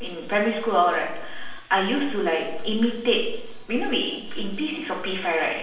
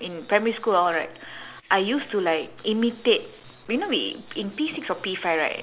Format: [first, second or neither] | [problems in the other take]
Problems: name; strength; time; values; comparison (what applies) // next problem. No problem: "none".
second | room echo; dies away in 0.9 s